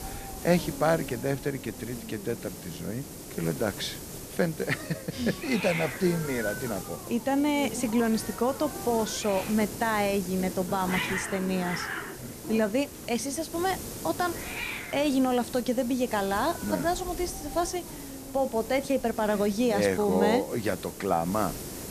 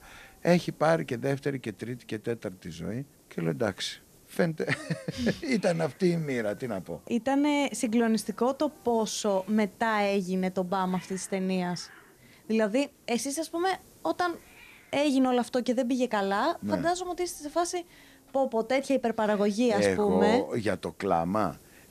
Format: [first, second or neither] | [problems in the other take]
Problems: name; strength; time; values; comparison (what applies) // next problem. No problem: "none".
second | hiss; loud; throughout; 8 dB below the speech; faint in the second